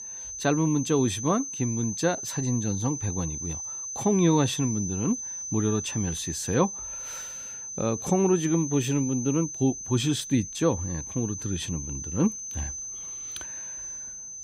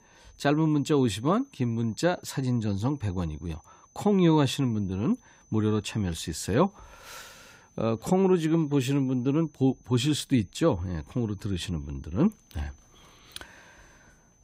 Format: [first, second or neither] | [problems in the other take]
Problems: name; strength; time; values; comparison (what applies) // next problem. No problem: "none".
second | high-pitched whine; loud; throughout; 6 kHz, 6 dB below the speech; faint in the second